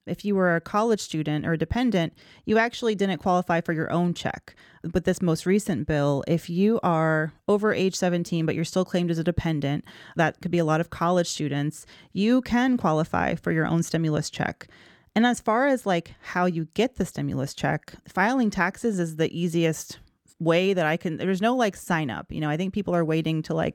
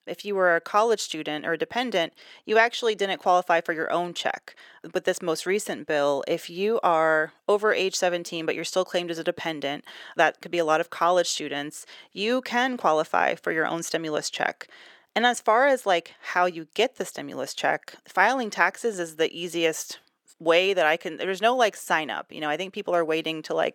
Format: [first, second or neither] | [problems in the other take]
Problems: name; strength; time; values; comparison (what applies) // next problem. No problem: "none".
first | thin; very; fading below 550 Hz